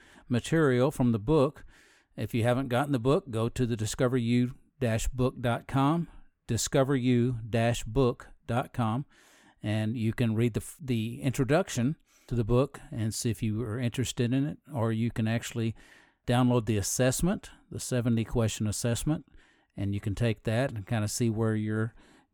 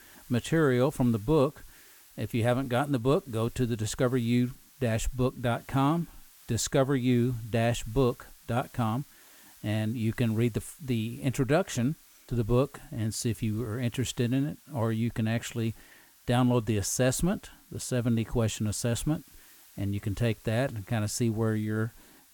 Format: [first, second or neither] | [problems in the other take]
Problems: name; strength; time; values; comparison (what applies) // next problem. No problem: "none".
first | hiss; faint; throughout; 25 dB below the speech